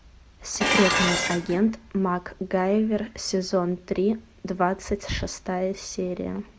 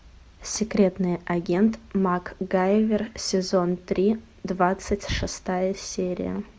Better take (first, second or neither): second